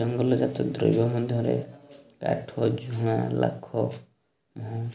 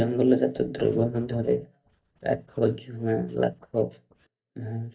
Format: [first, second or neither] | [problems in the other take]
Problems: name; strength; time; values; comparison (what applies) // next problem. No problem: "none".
first | noise reduction (neural mask model DeepFilterNet 3)